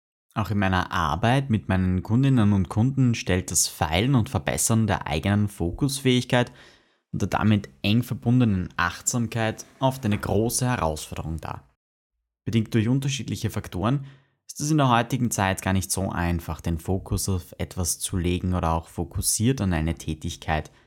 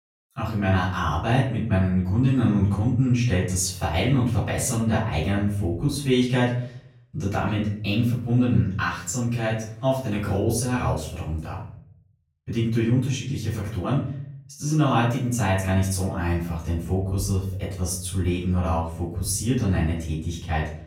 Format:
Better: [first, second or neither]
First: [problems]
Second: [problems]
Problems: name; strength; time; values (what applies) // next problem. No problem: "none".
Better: first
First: none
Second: off-mic speech; far // room echo; noticeable; dies away in 0.6 s